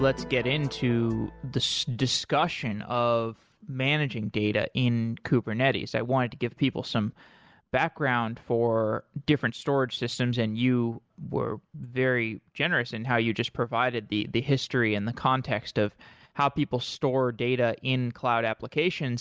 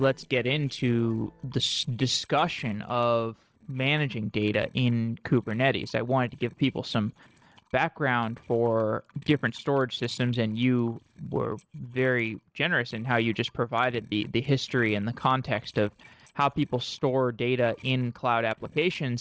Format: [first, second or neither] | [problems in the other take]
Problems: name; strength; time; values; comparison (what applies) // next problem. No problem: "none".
first | noise reduction (neural separator model SepFormer DNS4)